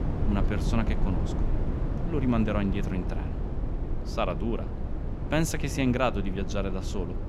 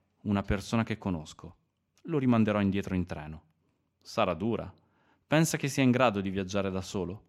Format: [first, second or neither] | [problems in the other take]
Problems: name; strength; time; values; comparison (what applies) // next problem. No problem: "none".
second | low rumble; loud; throughout; 8 dB below the speech